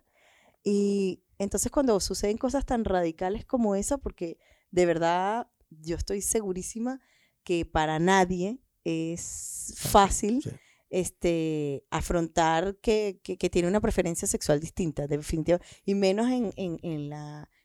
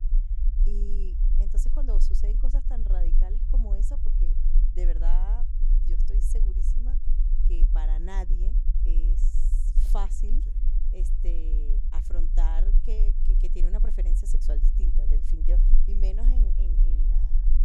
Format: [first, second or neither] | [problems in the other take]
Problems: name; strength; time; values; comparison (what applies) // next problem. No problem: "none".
first | low rumble; loud; throughout; 6 dB below the speech